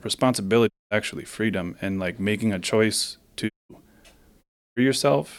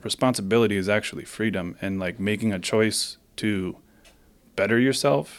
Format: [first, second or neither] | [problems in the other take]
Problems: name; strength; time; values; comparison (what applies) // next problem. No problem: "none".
second | audio cutting out; at 0.5 s, at 3.5 s and at 4.5 s